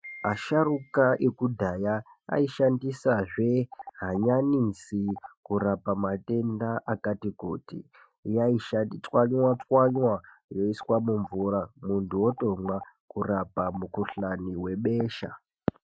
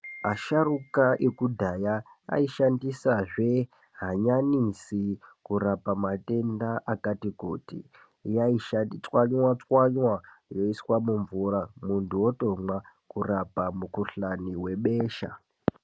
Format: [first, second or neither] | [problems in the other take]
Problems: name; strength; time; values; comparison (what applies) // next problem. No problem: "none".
second | noise reduction (classical method Wiener filter)